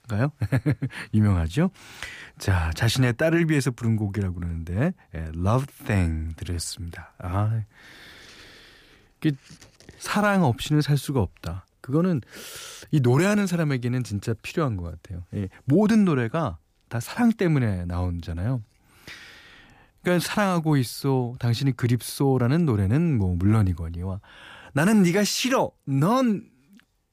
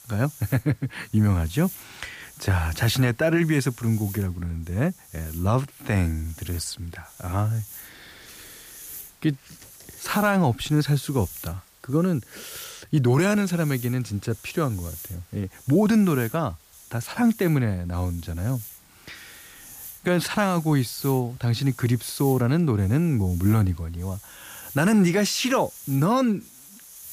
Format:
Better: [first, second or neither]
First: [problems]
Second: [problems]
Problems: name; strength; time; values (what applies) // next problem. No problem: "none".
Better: first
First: none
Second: hiss; noticeable; throughout; 20 dB below the speech